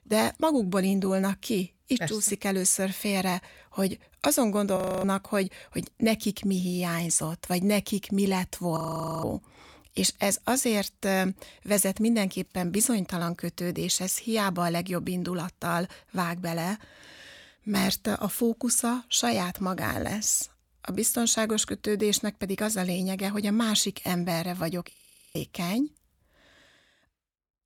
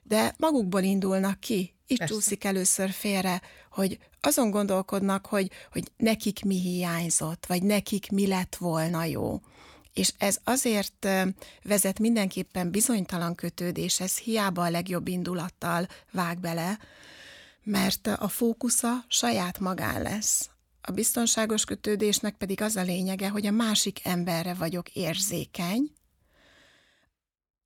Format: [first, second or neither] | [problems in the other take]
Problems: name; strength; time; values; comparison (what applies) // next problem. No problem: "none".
second | audio freezing; at 5 s, at 9 s and at 25 s